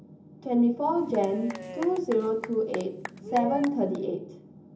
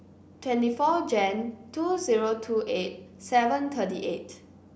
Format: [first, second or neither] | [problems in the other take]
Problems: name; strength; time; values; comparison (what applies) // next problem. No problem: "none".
second | background sound (Applause / Cheering / Clapping); 12 dB below the speech // room echo; dies away in 0.4 s